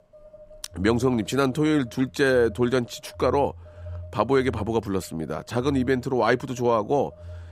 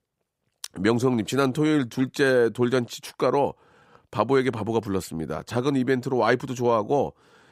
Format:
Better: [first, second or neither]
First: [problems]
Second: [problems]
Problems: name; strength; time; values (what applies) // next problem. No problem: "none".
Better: second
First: alarms or sirens; noticeable; throughout; 20 dB below the speech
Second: none